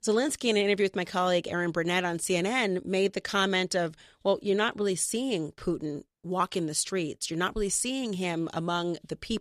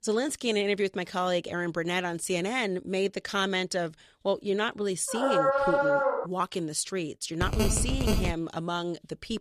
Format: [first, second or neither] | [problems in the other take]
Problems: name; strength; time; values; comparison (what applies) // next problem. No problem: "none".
first | dog barking; loud; from 5 to 6.5 s; peak 6 dB above the speech // phone ringing; loud; at 7.5 s; peak 2 dB above the speech